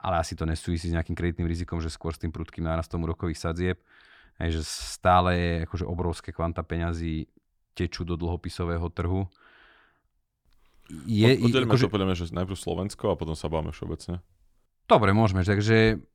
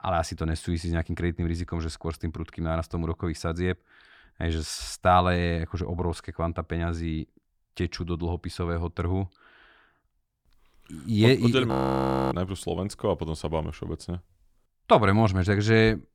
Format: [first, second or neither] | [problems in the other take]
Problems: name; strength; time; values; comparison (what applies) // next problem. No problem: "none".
first | audio freezing; at 12 s for 0.5 s